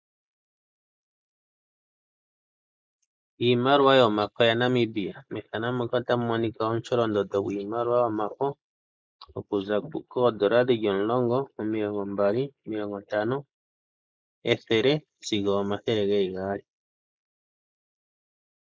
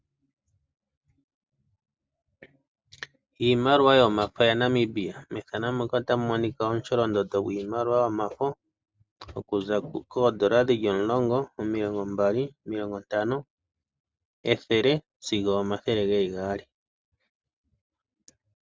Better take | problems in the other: second | noise reduction (neural mask model Resemble Enhance denoiser)

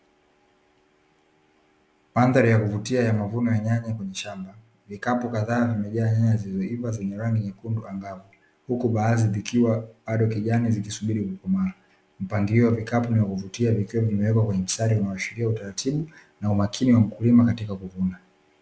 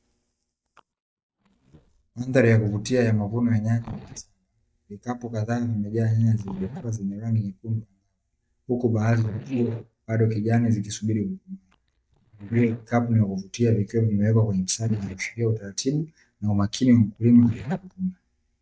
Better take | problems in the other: first | noise reduction (neural mask model DeepFilterNet 3)

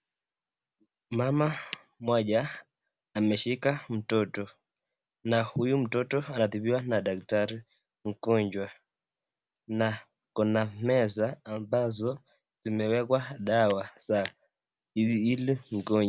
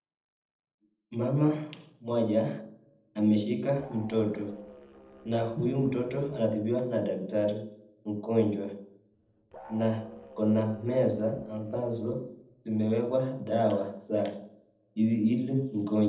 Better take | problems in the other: first | noise reduction (neural separator model SepFormer DNS4)

